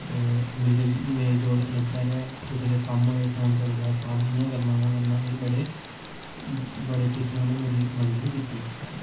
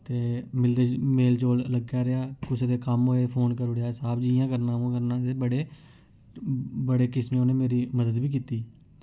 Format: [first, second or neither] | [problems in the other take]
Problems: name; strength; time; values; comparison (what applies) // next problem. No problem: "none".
second | background sound (Tick); 15 dB below the speech // room echo; dies away in 0.3 s